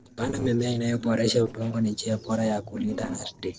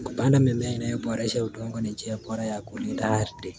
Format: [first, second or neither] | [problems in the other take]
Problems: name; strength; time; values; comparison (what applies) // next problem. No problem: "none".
second | noise reduction (neural separator model SepFormer DNS4)